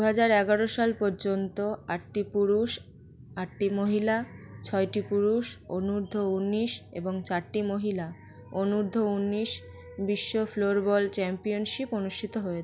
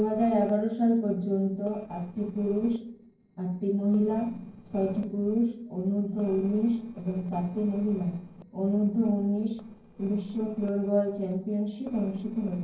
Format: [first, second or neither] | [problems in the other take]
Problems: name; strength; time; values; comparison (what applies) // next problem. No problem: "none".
first | noise reduction (neural separator model SepFormer DNS4)